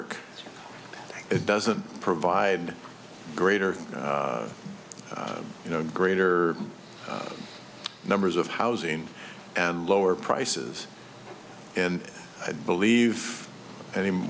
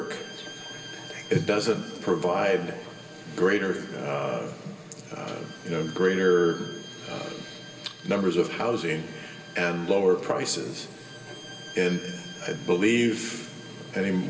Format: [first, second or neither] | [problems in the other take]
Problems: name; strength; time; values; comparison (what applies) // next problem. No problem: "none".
first | background sound (Bowed string instrument); 19 dB below the speech // room echo; dies away in 2.7 s